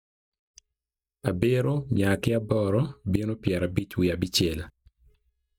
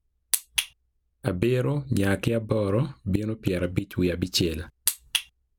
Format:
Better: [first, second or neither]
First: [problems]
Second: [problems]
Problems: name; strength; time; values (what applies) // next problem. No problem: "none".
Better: second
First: noise reduction (neural mask model DeepFilterNet 3)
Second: none